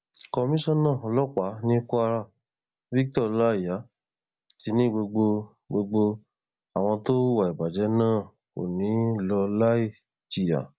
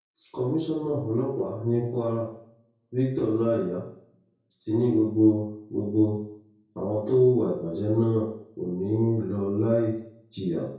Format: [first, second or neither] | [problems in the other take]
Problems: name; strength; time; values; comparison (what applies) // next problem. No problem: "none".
first | room echo; dies away in 0.6 s